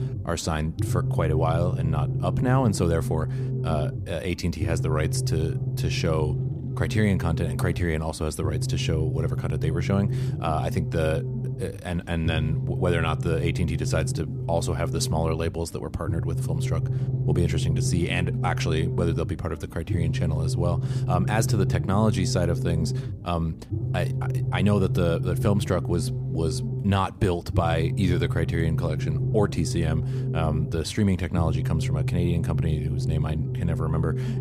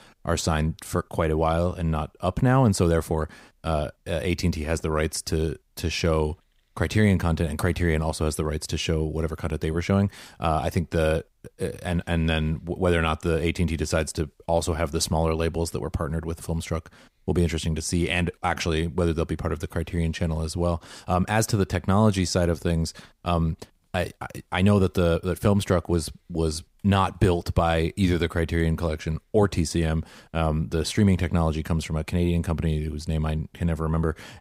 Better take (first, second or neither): second